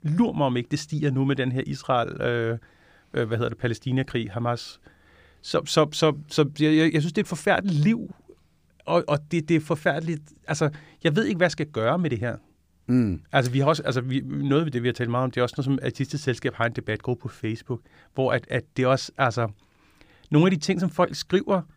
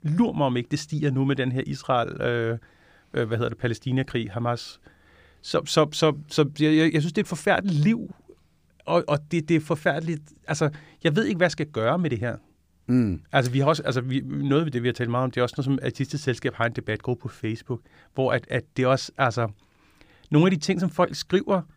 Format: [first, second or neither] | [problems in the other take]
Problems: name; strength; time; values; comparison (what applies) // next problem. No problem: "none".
neither | none